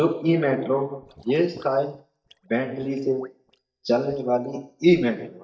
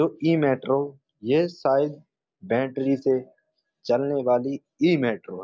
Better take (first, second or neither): second